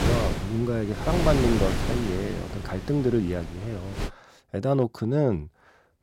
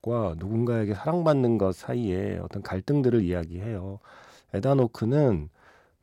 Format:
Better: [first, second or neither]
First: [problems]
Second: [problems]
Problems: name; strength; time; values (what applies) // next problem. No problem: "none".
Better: second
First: wind noise on the microphone; heavy; until 4 s; 5 dB below the speech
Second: none